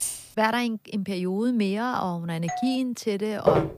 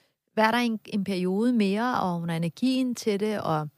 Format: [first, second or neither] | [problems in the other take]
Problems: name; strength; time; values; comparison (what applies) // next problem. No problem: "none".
second | jangling keys; noticeable; at the start; peak 3 dB below the speech // doorbell; noticeable; at 2.5 s; peak 7 dB below the speech // footsteps; very faint; at 3.5 s; peak 4 dB above the speech